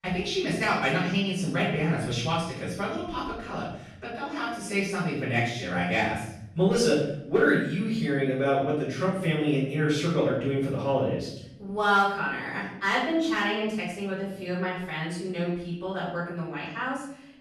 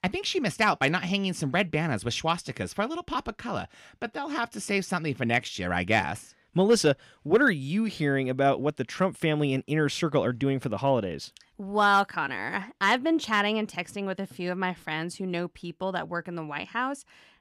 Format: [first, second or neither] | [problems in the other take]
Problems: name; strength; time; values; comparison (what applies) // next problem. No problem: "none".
second | off-mic speech; far // room echo; noticeable; dies away in 0.7 s